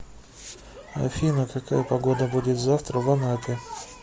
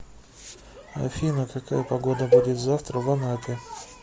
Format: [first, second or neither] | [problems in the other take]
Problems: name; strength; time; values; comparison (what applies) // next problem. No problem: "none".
first | background sound (Cowbell); 1 dB above the speech